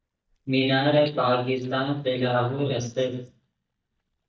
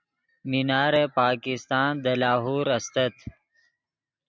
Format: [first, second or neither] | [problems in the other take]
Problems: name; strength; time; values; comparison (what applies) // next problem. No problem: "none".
second | noise reduction (neural mask model DeepFilterNet 3)